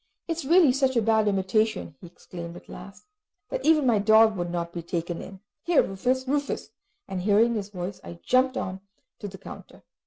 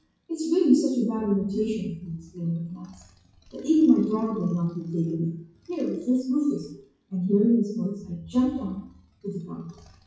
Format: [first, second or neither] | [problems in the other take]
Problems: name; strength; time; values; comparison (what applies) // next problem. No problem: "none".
first | noise reduction (classical method WPE with log-MMSE)